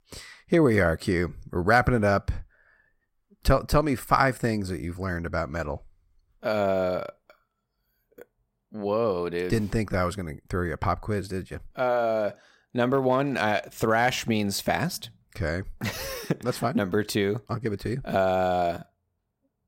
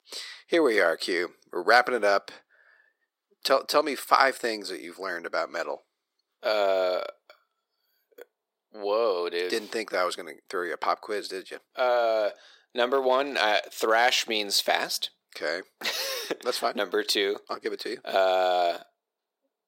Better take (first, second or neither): first